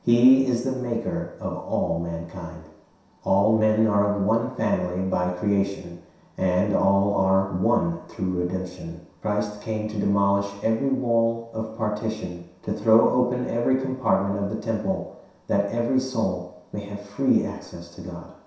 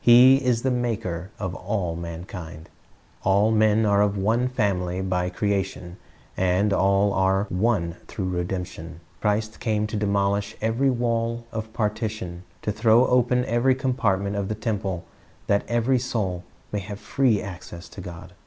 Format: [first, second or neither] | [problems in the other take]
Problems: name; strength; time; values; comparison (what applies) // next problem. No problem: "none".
second | room echo; dies away in 0.7 s